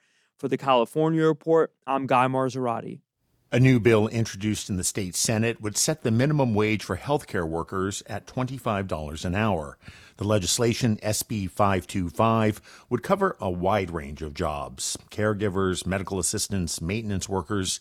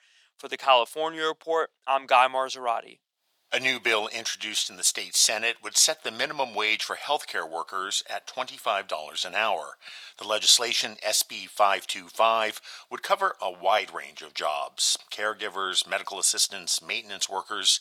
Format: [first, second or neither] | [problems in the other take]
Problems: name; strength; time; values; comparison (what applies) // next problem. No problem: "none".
first | thin; very; fading below 900 Hz